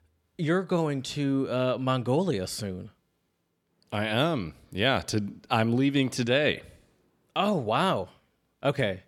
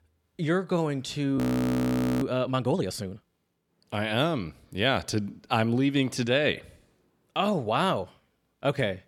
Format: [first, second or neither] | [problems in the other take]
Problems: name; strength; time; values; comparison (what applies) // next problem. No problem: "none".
first | audio freezing; at 1.5 s for 1 s